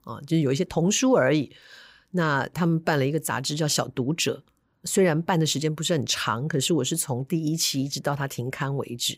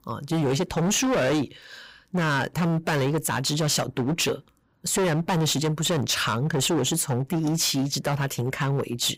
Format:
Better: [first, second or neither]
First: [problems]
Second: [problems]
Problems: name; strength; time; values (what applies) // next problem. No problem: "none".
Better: first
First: none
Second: distortion; heavy; 22% of the sound clipped